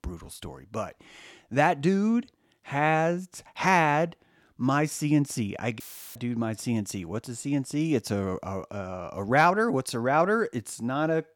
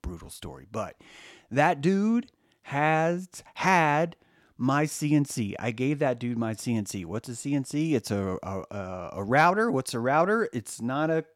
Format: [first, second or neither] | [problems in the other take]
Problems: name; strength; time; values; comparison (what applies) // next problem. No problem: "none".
second | audio cutting out; filled with static; at 6 s